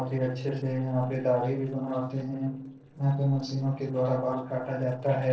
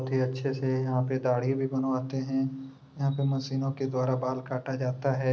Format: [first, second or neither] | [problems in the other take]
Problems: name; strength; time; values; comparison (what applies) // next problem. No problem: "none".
second | noise reduction (neural separator model SepFormer DNS4)